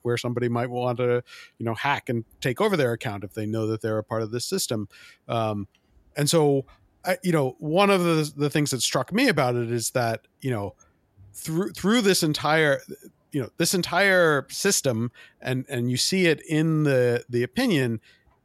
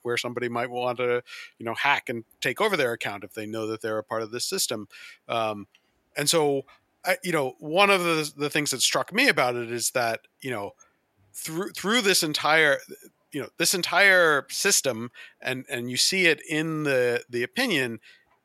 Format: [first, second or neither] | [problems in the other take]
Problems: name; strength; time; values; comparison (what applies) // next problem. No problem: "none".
first | thin; somewhat; fading below 550 Hz